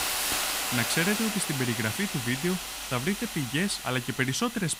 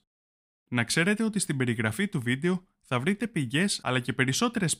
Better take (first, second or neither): second